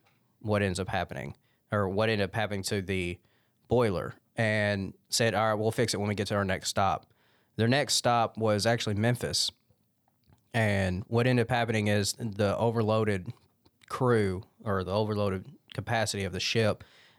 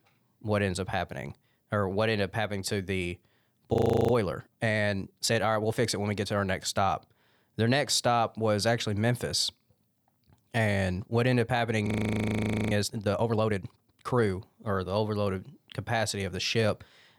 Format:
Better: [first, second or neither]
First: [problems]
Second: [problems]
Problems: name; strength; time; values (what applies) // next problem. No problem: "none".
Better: first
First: none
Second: audio freezing; at 3.5 s and at 12 s for 1 s